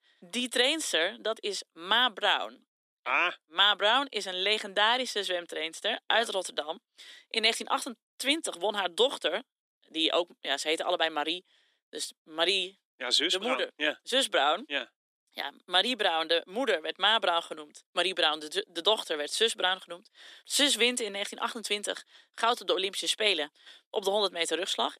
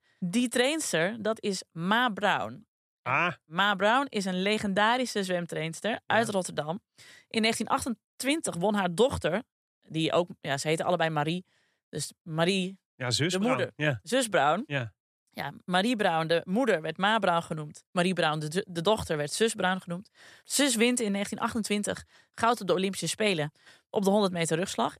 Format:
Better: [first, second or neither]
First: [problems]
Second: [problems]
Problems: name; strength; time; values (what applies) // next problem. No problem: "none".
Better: second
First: thin; somewhat; fading below 250 Hz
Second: none